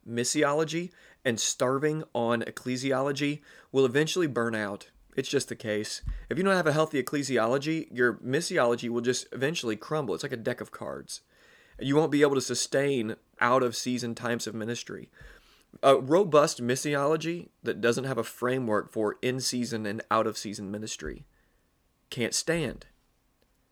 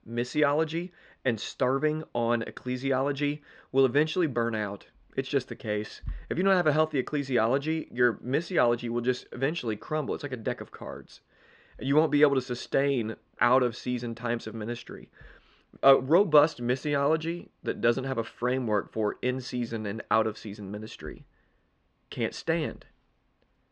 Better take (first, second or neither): first